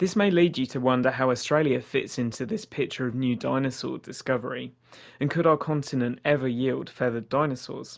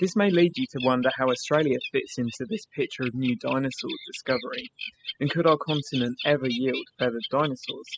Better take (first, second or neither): first